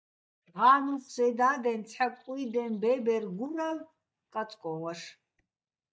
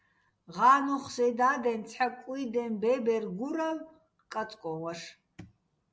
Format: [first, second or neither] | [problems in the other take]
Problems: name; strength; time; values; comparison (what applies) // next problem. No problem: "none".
second | noise reduction (neural mask model DeepFilterNet 3)